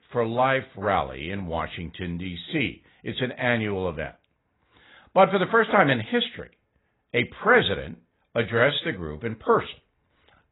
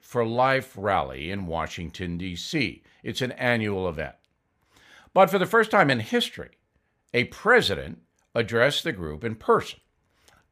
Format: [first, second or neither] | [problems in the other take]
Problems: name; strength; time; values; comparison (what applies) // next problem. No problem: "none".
second | garbled, watery; badly; nothing above 4 kHz